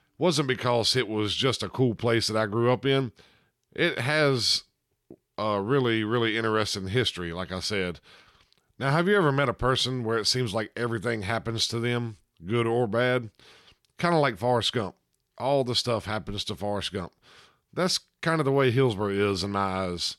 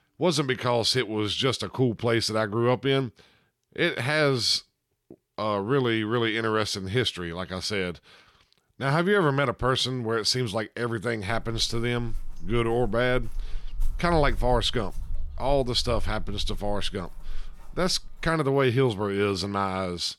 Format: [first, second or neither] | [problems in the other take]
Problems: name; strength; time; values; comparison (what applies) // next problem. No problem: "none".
first | footsteps; noticeable; from 11 to 18 s; peak 8 dB below the speech